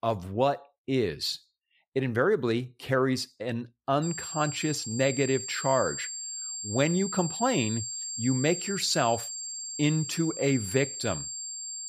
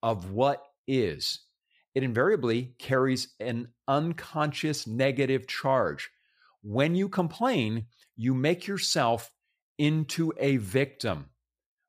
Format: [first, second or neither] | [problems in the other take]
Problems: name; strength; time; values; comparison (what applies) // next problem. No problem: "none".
second | high-pitched whine; loud; from 4 s on; 7.5 kHz, 5 dB below the speech